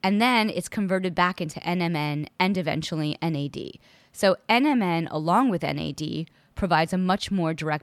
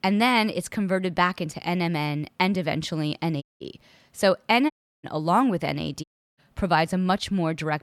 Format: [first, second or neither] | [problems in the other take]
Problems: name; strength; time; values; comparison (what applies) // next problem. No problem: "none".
first | audio cutting out; at 3.5 s, at 4.5 s and at 6 s